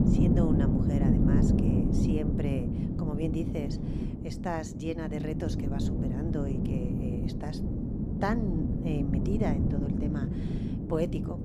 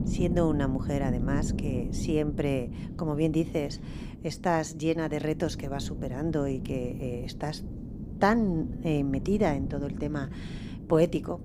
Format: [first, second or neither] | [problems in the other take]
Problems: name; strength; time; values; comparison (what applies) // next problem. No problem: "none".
second | wind noise on the microphone; heavy; 1 dB above the speech; occasional gusts in the second